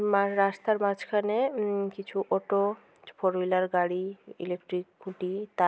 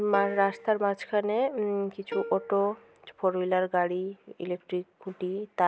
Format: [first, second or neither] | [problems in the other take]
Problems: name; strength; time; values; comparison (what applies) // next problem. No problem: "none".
first | background sound (Plucked string instrument); 14 dB below the speech